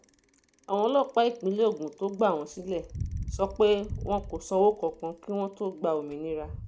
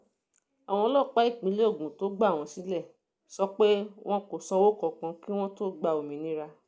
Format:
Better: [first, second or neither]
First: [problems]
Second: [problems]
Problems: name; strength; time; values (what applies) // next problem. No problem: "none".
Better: second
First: background sound (Bicycle); 13 dB below the speech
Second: none